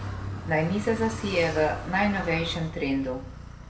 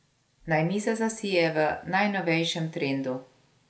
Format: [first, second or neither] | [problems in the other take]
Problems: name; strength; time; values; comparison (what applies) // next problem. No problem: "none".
second | background sound (Car); 9 dB below the speech // room echo; dies away in 0.7 s